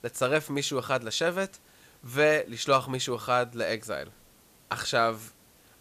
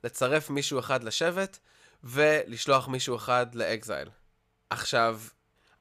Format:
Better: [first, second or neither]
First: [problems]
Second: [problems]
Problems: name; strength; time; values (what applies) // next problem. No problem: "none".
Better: second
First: hiss; faint; throughout; 30 dB below the speech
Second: none